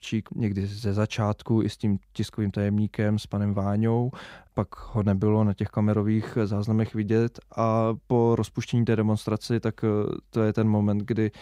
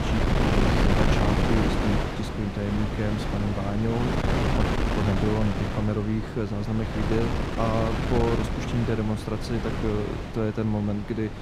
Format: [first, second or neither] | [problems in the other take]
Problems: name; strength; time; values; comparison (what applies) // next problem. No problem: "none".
first | wind noise on the microphone; heavy; 2 dB above the speech